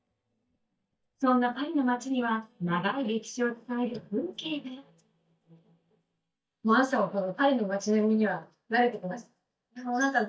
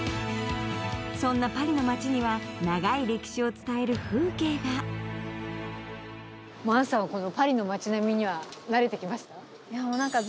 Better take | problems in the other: second | noise reduction (neural mask model DeepFilterNet 3)

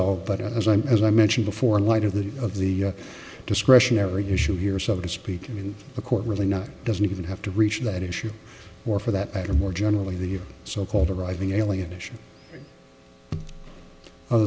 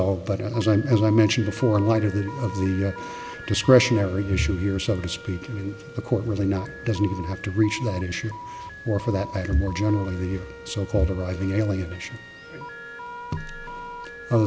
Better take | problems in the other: first | background sound (Alarm + Wind instrument, woodwind instrument); 15 dB below the speech

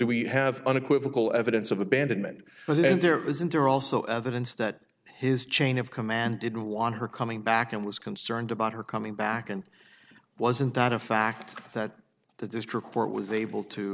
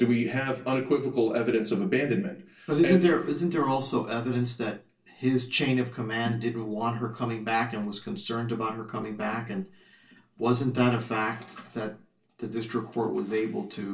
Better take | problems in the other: first | room echo; dies away in 0.2 s

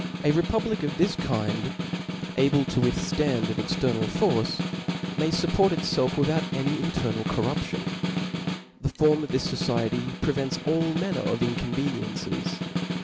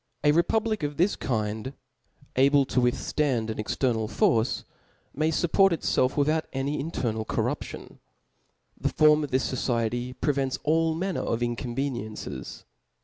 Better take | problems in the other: second | background sound (Snare drum); 3 dB below the speech

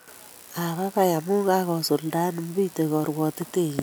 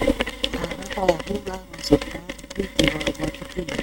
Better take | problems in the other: first | noise reduction (neural mask model RNNoise)

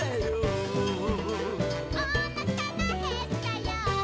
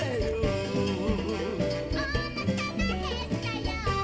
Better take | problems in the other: first | background sound (Car); 19 dB below the speech // room echo; dies away in 1.6 s

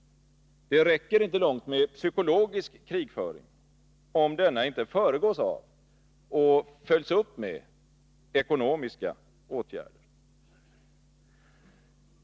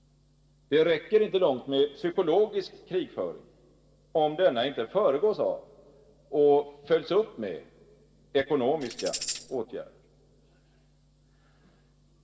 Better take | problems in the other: first | background sound (Tambourine); 8 dB below the speech // room echo; dies away in 2.9 s

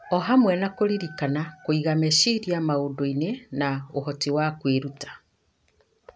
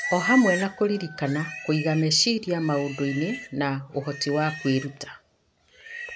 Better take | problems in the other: first | background sound (Livestock, farm animals, working animals); 10 dB below the speech

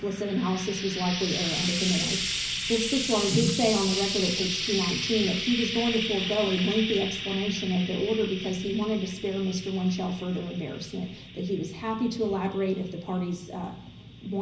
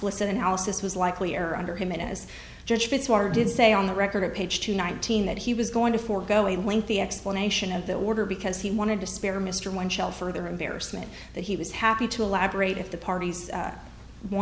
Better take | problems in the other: second | background sound (Frying (food)); 5 dB below the speech // room echo; dies away in 0.5 s

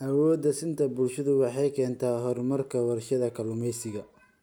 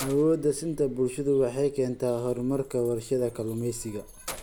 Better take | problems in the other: first | background sound (Keys jangling + Bird vocalization, bird call, bird song); 17 dB below the speech

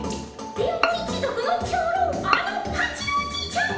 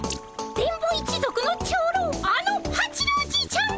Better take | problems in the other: second | background sound (Bowed string instrument); 7 dB below the speech // room echo; dies away in 0.8 s

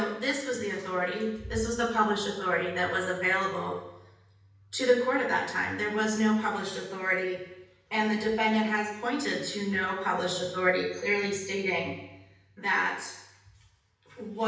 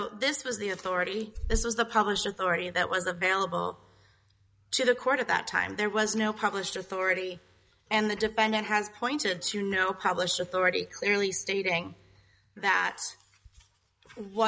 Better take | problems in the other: second | room echo; dies away in 0.9 s

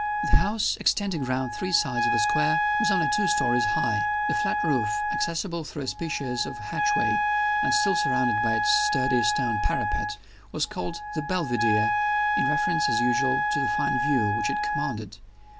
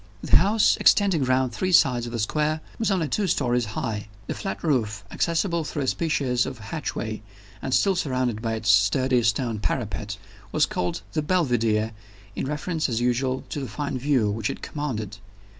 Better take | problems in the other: second | background sound (Wind instrument, woodwind instrument); 2 dB above the speech

